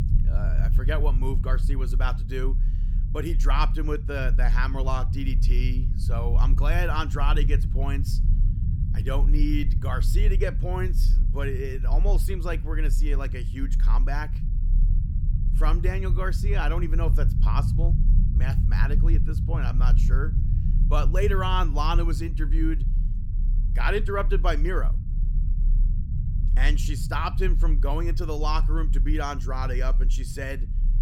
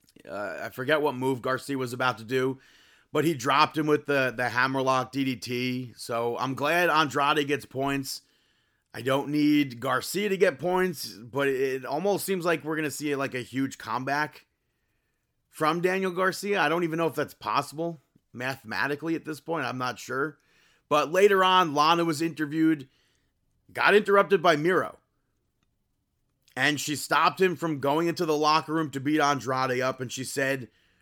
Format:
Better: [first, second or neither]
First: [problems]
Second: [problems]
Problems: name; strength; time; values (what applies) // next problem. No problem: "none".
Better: second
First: low rumble; noticeable; throughout; 10 dB below the speech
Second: none